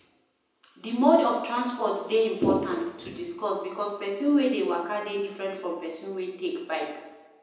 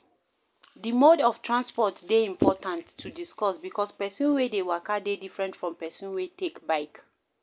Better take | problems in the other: second | room echo; dies away in 0.9 s

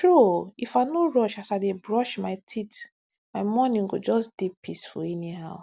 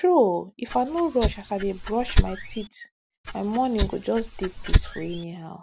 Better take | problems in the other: first | background sound (Rattle (instrument)); as loud as the speech

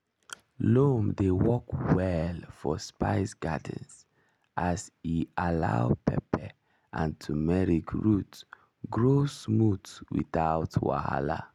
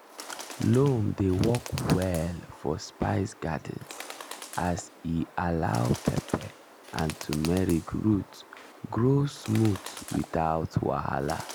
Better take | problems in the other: first | background sound (Bird); 15 dB below the speech

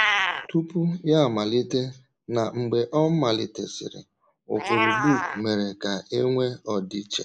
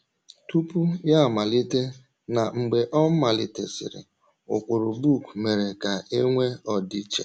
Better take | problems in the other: second | noise reduction (neural mask model Resemble Enhance denoiser)

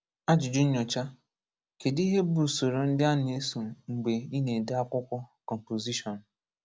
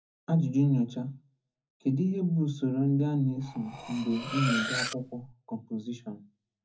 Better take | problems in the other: first | background sound (Cutlery, silverware); 6 dB below the speech // room echo; dies away in 0.3 s

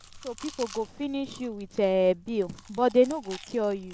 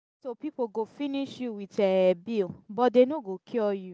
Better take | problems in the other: second | background sound (Chewing, mastication); 19 dB below the speech

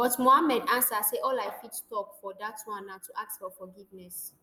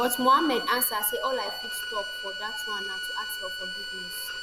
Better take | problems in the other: first | background sound (Bowed string instrument); 6 dB below the speech

